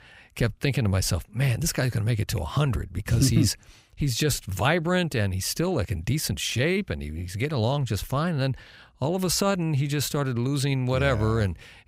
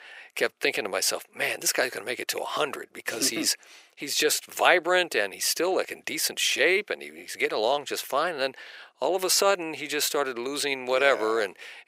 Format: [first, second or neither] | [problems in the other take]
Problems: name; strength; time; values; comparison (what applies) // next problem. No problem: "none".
first | thin; very; fading below 400 Hz